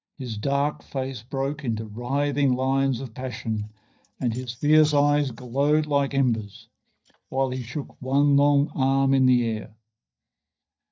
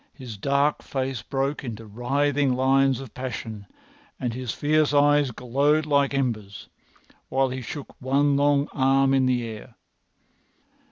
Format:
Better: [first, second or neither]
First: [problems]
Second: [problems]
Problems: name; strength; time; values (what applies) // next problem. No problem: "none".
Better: second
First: noise reduction (neural mask model DeepFilterNet 3)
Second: none